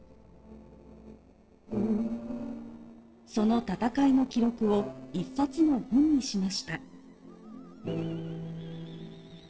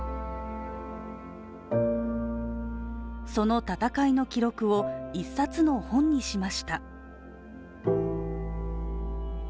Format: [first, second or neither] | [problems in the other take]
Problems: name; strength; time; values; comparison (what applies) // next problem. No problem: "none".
second | noise reduction (neural separator model SepFormer DNS4)